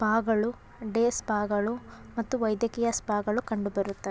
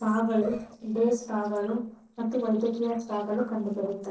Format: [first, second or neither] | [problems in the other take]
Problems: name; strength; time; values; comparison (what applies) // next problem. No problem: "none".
first | noise reduction (neural separator model SepFormer DNS4)